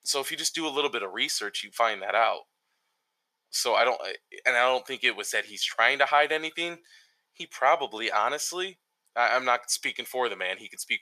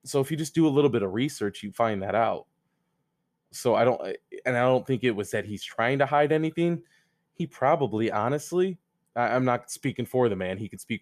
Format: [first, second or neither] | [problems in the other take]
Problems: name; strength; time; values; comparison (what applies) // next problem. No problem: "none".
second | thin; very; fading below 900 Hz